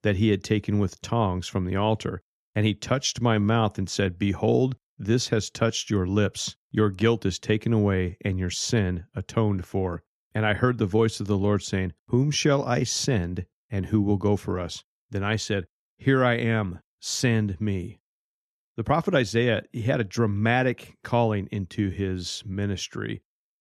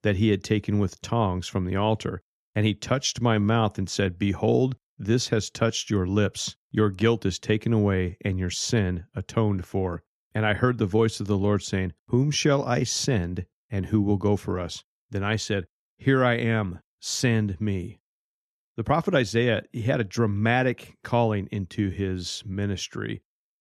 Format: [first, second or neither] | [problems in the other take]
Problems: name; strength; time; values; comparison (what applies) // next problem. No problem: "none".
neither | none